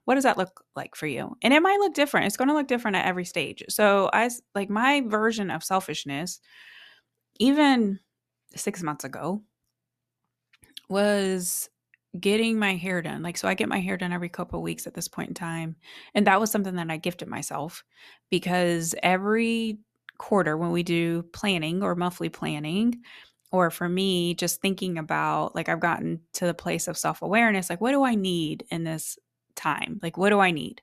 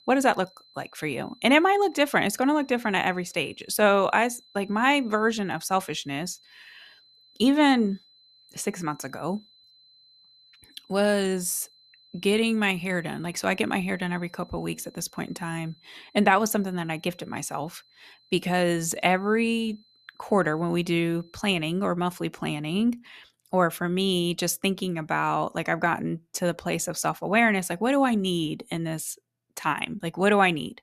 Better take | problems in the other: first | high-pitched whine; faint; until 22 s; 4 kHz, 30 dB below the speech

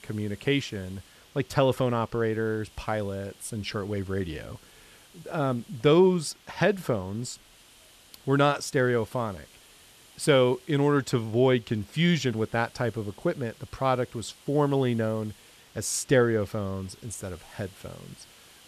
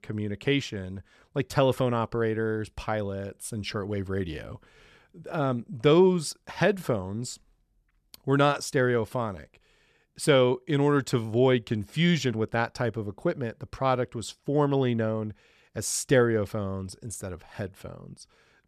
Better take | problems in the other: second | hiss; faint; throughout; 25 dB below the speech

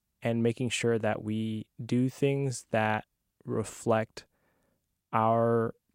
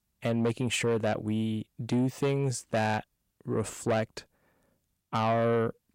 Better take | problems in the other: first | distortion; slight; 10 dB below the speech

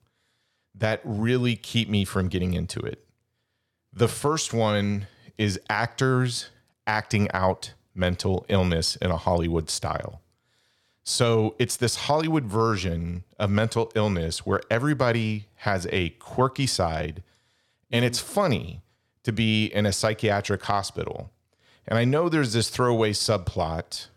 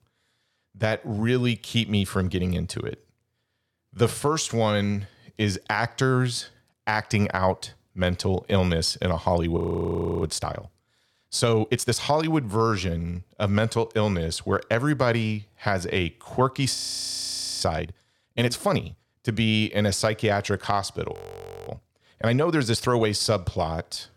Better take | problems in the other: first | audio freezing; at 9.5 s for 0.5 s, at 17 s for 1 s and at 21 s for 0.5 s

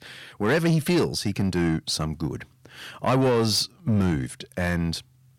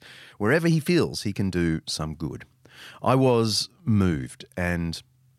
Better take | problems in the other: second | distortion; slight; 10 dB below the speech

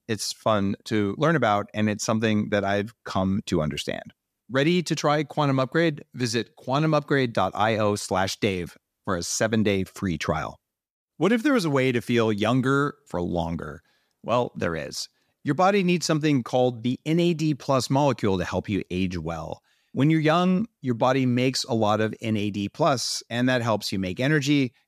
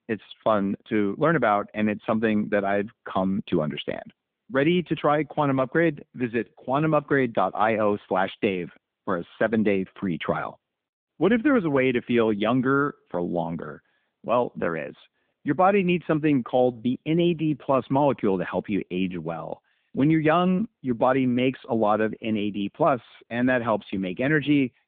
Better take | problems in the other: first | phone-call audio

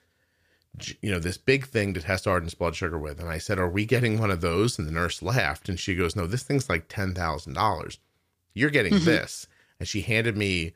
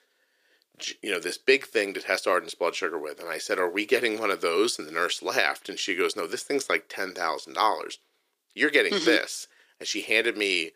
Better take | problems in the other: first | thin; somewhat; fading below 350 Hz

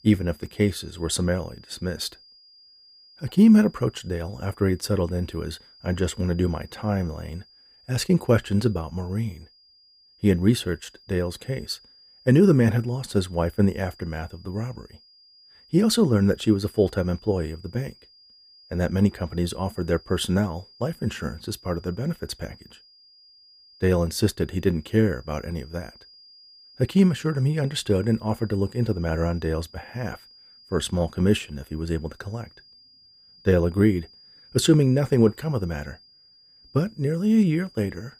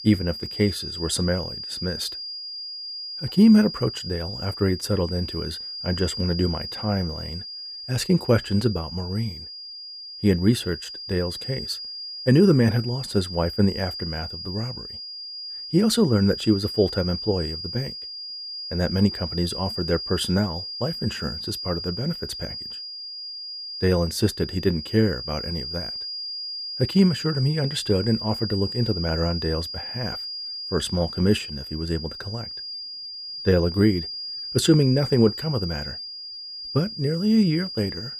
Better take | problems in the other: first | high-pitched whine; loud; throughout; 5 kHz, 7 dB below the speech; faint in the first

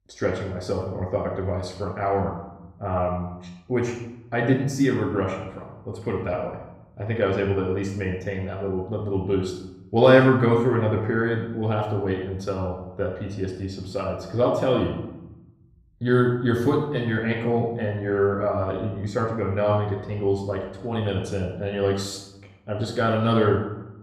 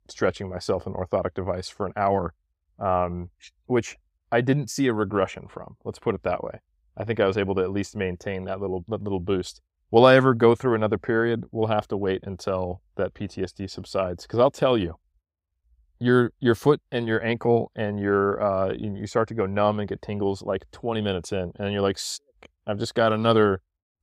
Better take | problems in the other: second | off-mic speech; far // room echo; noticeable; dies away in 0.8 s

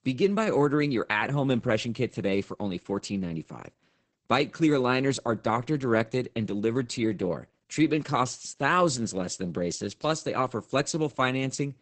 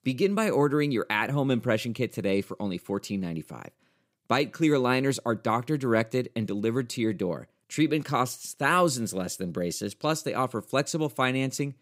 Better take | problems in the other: second | garbled, watery; badly; nothing above 8 kHz

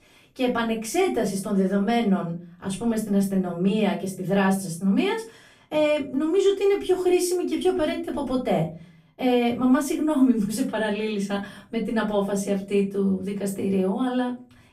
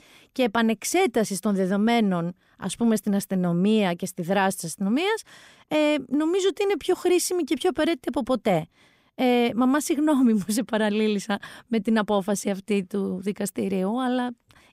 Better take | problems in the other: second | off-mic speech; far // room echo; slight; dies away in 0.4 s

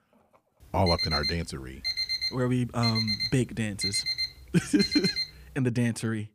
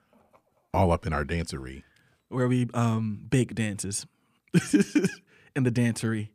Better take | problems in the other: second | alarm; loud; from 1 to 5.5 s; peak 2 dB above the speech

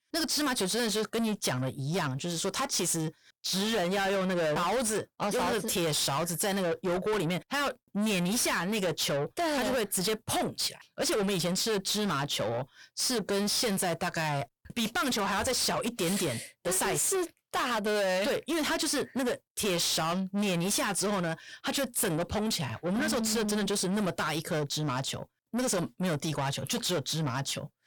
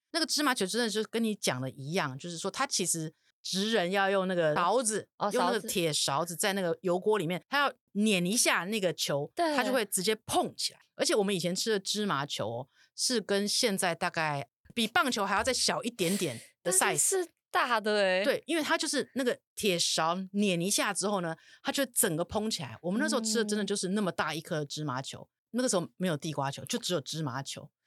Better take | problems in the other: second | distortion; heavy; 6 dB below the speech

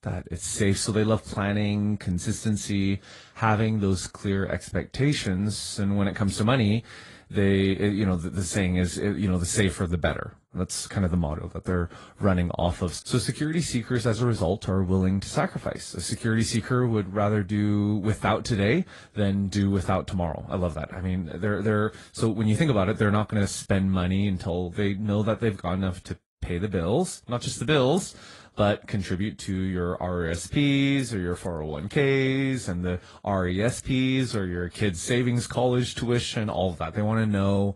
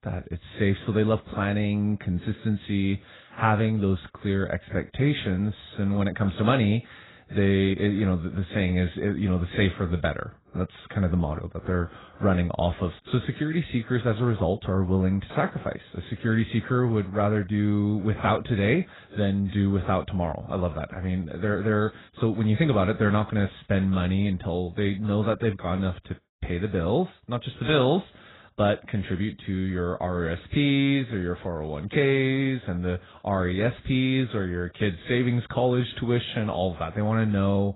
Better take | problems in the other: first | garbled, watery; badly; nothing above 4 kHz; slightly in the first

